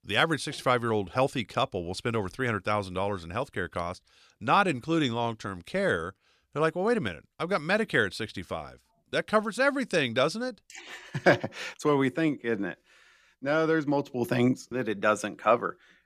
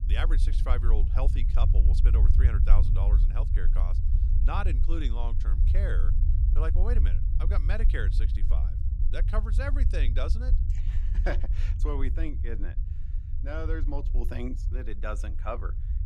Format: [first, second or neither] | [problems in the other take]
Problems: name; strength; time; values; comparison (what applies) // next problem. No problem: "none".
first | low rumble; loud; throughout; 8 dB below the speech